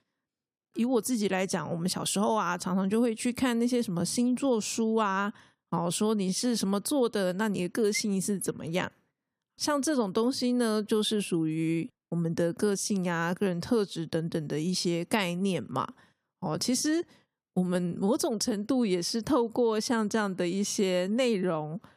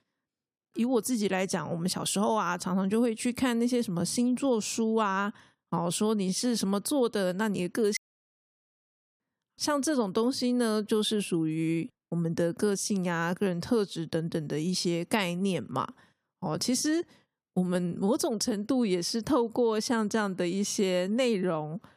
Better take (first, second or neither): first